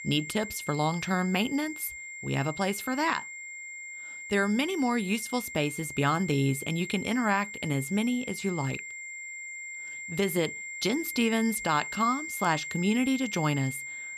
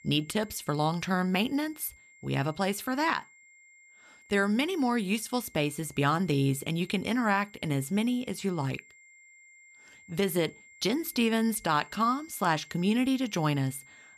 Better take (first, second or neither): second